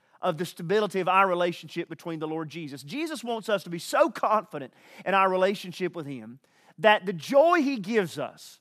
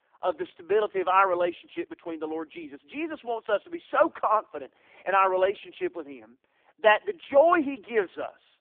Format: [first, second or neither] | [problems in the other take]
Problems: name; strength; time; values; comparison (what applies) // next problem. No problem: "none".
first | phone-call audio; poor line